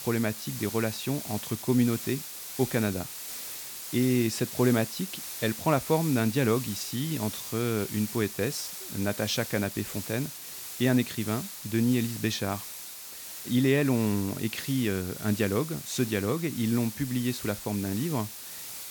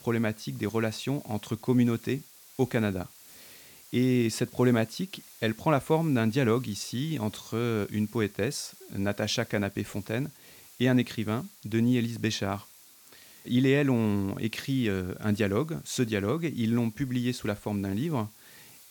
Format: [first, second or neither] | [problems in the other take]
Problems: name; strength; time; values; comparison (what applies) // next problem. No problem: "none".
second | hiss; loud; throughout; 8 dB below the speech; faint in the second